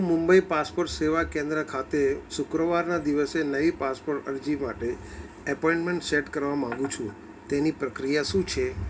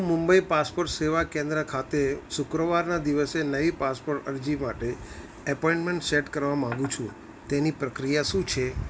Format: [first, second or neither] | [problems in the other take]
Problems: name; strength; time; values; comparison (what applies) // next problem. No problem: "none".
second | room echo; dies away in 0.3 s